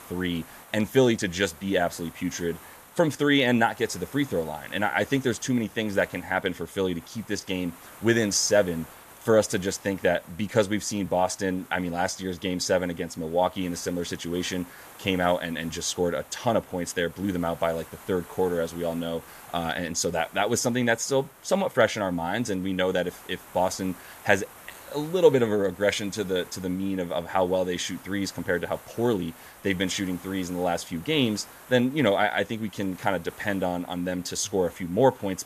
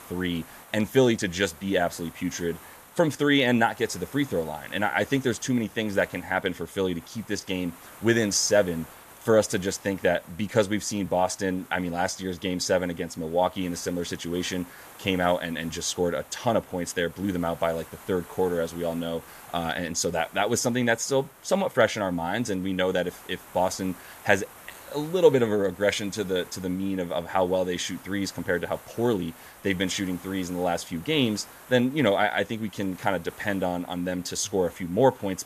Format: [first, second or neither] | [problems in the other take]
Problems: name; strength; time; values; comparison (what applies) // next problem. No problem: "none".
neither | hiss; faint; throughout; 20 dB below the speech; the same in both